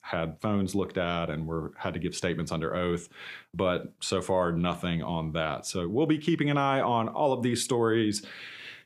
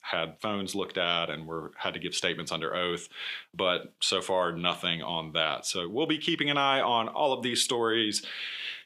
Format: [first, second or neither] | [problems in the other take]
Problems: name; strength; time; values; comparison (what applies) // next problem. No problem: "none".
first | thin; very slightly; fading below 500 Hz